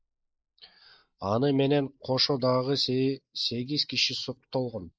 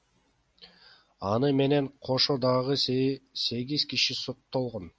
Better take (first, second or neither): second